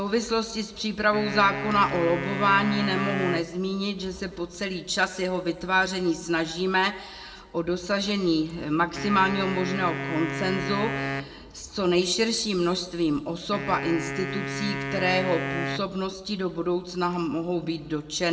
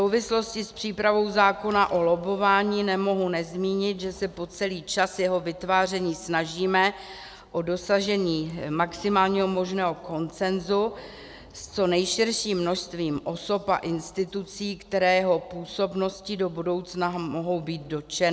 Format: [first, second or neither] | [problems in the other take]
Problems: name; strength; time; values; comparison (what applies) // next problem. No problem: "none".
second | background sound (Wind instrument, woodwind instrument); 7 dB below the speech // room echo; dies away in 0.8 s